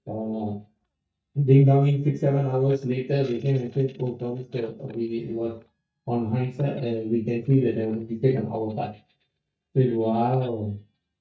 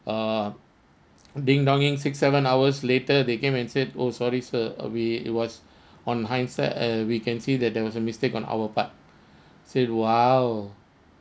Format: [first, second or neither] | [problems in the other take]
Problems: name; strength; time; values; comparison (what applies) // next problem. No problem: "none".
second | noise reduction (neural mask model DeepFilterNet 3)